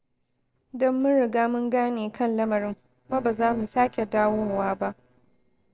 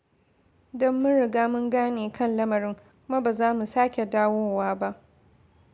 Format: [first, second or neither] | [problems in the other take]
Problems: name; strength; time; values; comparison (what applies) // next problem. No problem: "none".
second | noise reduction (neural separator model SepFormer DNS4)